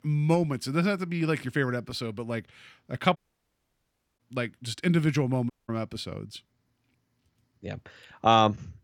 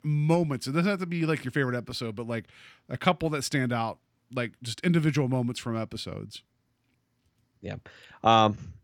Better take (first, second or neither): second